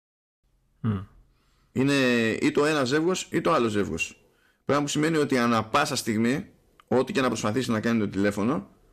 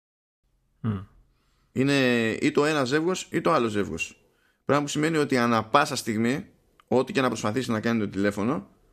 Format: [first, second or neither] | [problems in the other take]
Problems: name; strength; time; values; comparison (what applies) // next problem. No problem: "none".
second | distortion; slight; 10 dB below the speech